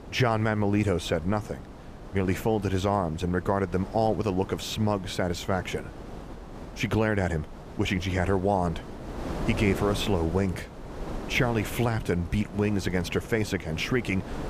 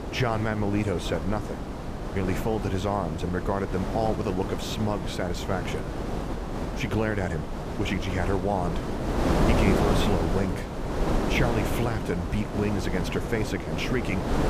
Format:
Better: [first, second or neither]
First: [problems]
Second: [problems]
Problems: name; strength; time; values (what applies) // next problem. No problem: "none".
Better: first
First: wind noise on the microphone; occasional gusts; 15 dB below the speech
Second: wind noise on the microphone; heavy; 2 dB below the speech